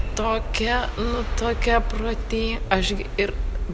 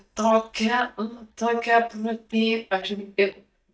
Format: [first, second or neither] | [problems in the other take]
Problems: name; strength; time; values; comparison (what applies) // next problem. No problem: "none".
first | noise reduction (neural mask model DeepFilterNet 3)